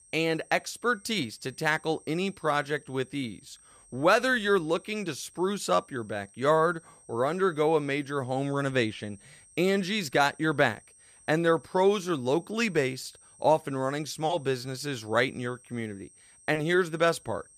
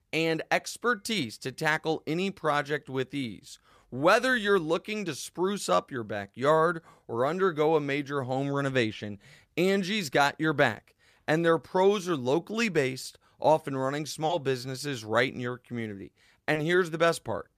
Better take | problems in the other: second | high-pitched whine; faint; throughout; 8.5 kHz, 25 dB below the speech

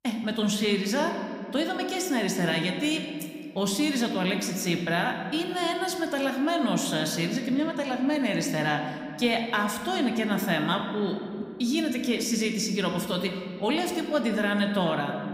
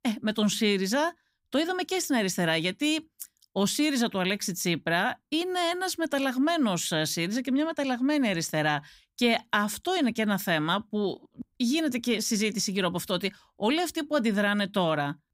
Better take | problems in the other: second | room echo; slight; dies away in 1.9 s

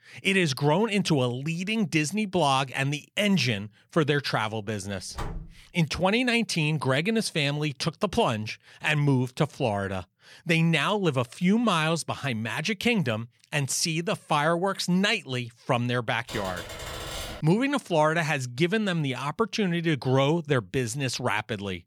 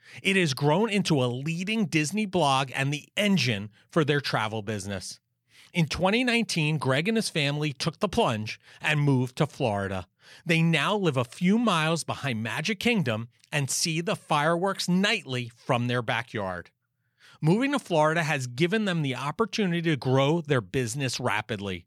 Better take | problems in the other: second | door banging; faint; at 5 s; peak 10 dB below the speech // keyboard typing; noticeable; from 16 to 17 s; peak 8 dB below the speech

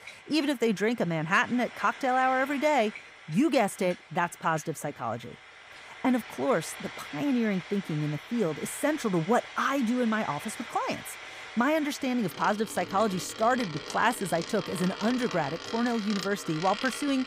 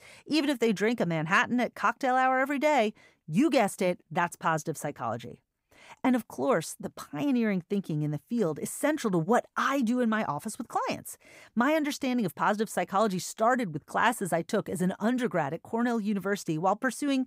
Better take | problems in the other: second | household noises; noticeable; throughout; 10 dB below the speech

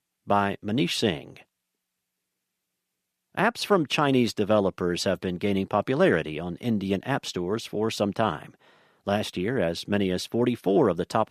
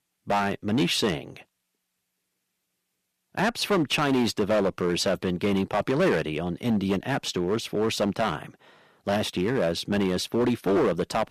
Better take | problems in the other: first | distortion; heavy; 8% of the sound clipped

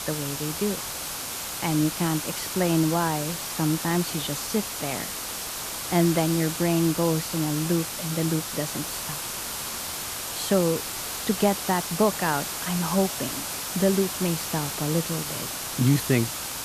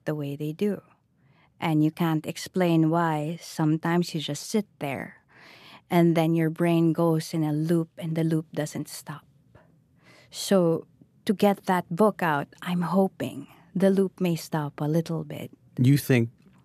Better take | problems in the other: second | hiss; loud; throughout; 4 dB below the speech

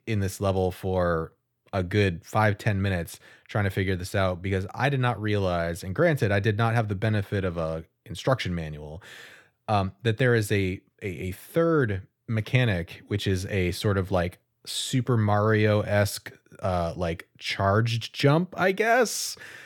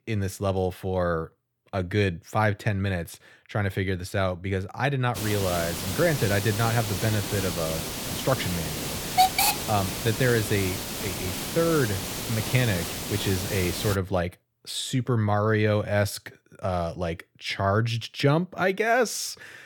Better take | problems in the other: first | hiss; loud; from 5 to 14 s; 2 dB below the speech

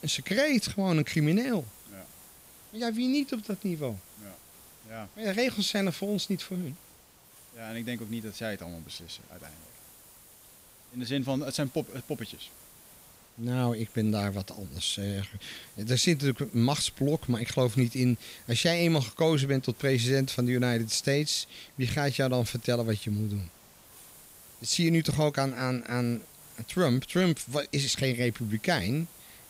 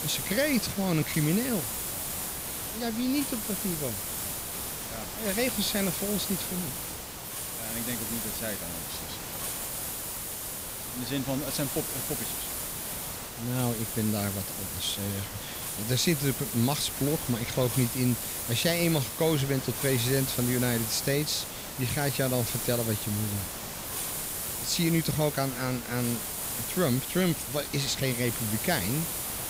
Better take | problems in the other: first | hiss; loud; throughout; 3 dB below the speech; faint in the first

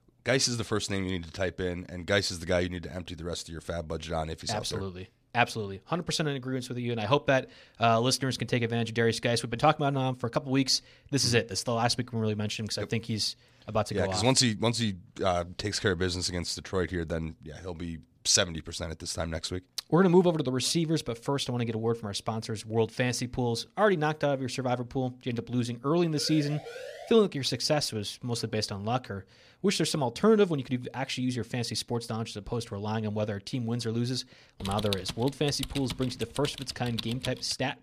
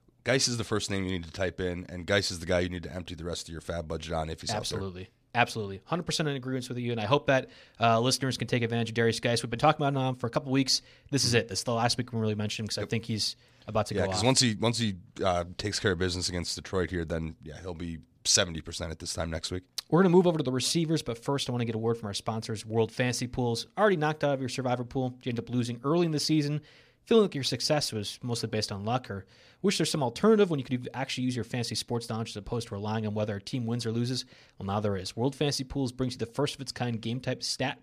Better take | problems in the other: second | siren; faint; at 26 s; peak 15 dB below the speech // keyboard typing; noticeable; from 35 s on; peak 6 dB below the speech

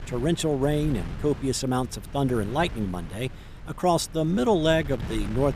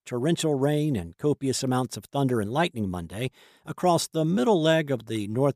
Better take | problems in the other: second | wind noise on the microphone; occasional gusts; 20 dB below the speech

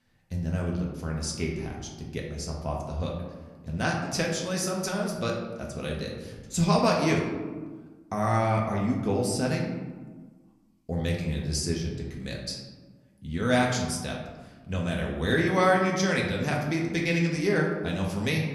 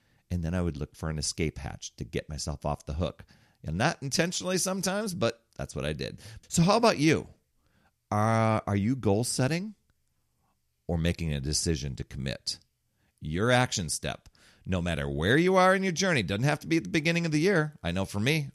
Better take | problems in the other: second | room echo; noticeable; dies away in 1.1 s // off-mic speech; somewhat distant

